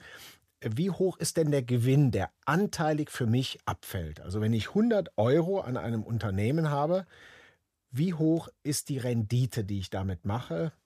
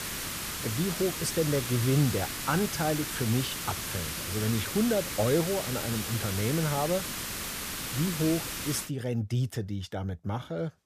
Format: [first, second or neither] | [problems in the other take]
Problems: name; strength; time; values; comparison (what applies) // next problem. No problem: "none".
first | hiss; loud; until 9 s; 3 dB below the speech